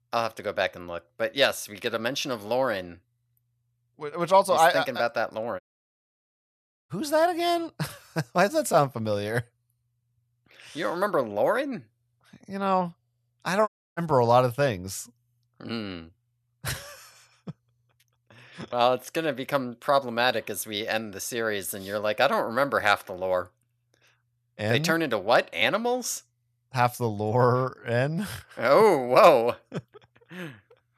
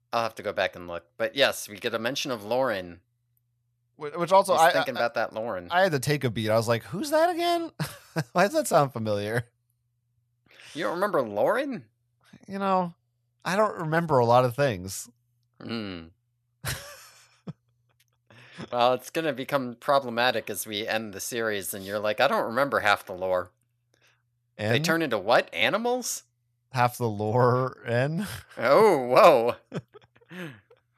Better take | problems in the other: second | audio cutting out; at 5.5 s for 1.5 s and at 14 s

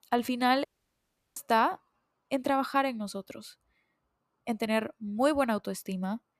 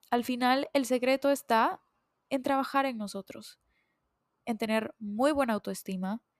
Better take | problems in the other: second | audio cutting out; at 0.5 s for 0.5 s

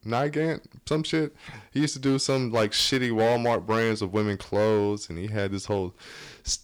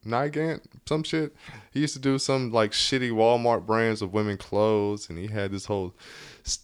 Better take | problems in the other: second | distortion; slight; 5% of the sound clipped

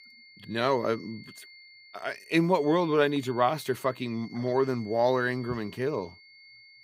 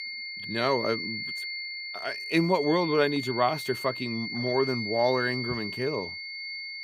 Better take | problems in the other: first | high-pitched whine; loud; throughout; 2 kHz, 5 dB below the speech; faint in the first

